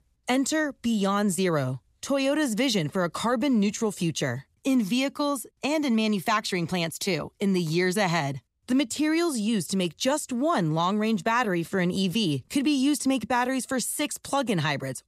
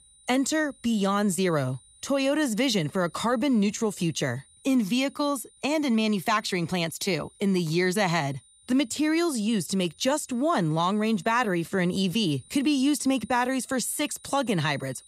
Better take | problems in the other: first | high-pitched whine; faint; throughout; 9.5 kHz, 25 dB below the speech

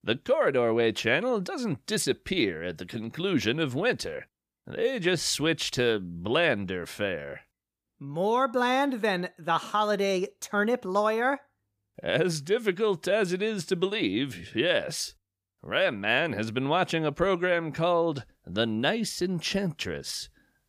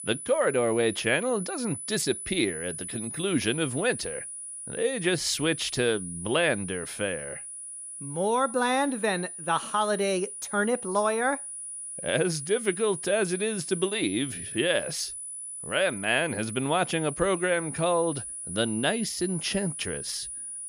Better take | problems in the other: first | high-pitched whine; loud; throughout; 10 kHz, 8 dB below the speech

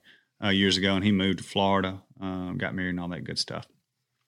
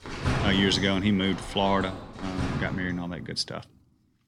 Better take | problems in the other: first | household noises; loud; until 2.5 s; 7 dB below the speech

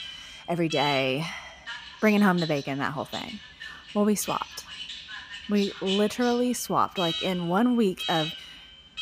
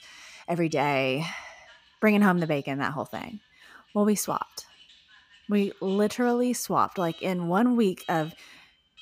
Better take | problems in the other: second | alarms or sirens; loud; throughout; 9 dB below the speech; faint in the second

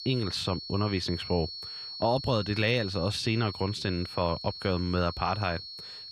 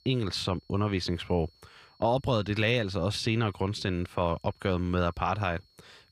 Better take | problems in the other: second | high-pitched whine; loud; throughout; 4.5 kHz, 9 dB below the speech; faint in the second

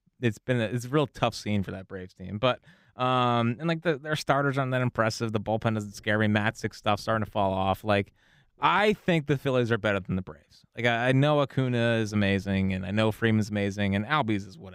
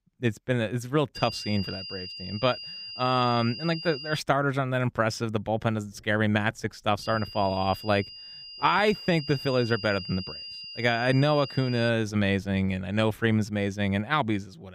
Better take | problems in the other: first | high-pitched whine; noticeable; from 1 to 4 s and from 7 to 12 s; 5 kHz, 10 dB below the speech

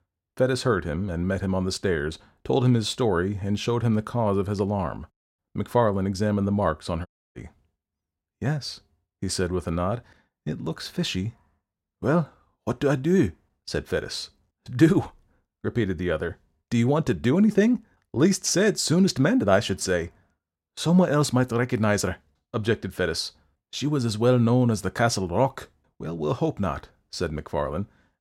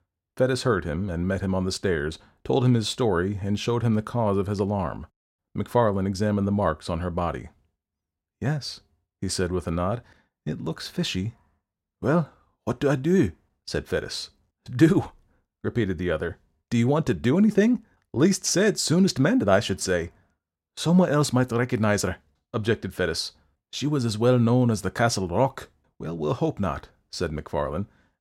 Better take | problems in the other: second | audio cutting out; at 7 s

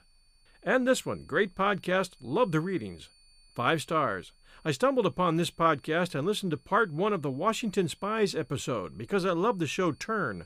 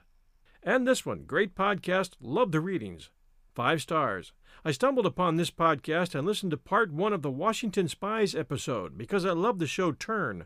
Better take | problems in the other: second | high-pitched whine; faint; throughout; 4.5 kHz, 35 dB below the speech

